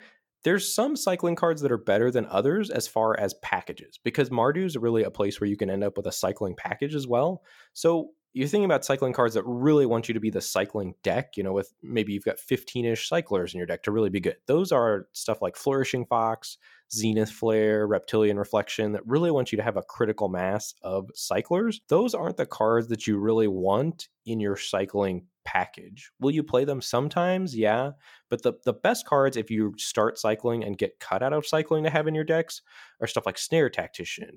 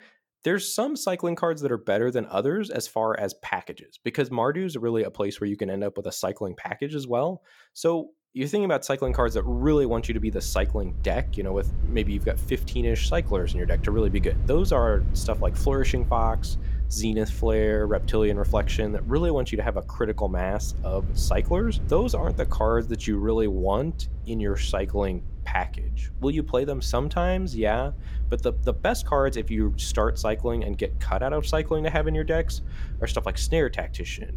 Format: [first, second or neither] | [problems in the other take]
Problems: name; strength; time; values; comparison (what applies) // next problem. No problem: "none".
first | low rumble; faint; from 9 s on; 20 dB below the speech